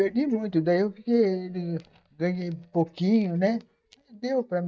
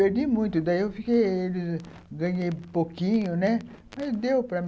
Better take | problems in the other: second | noise reduction (neural mask model DeepFilterNet 3)

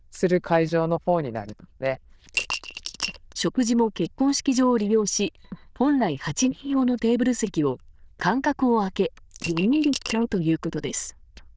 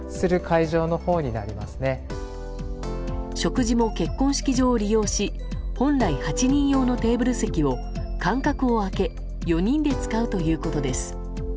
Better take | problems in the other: second | noise reduction (neural diffusion model UNIVERSE++)

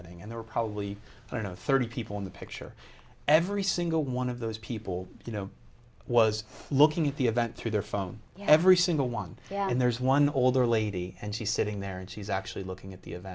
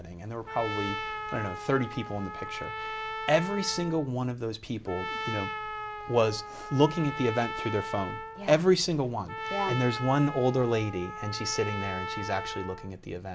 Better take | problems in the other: first | background sound (Trumpet); 8 dB below the speech

